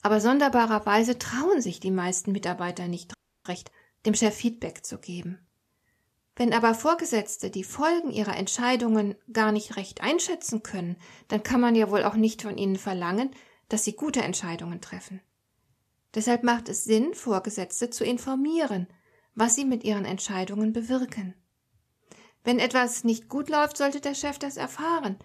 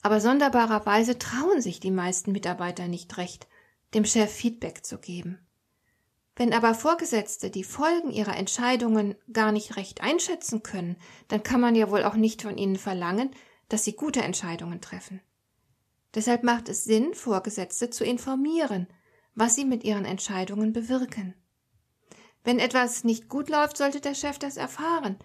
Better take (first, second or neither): second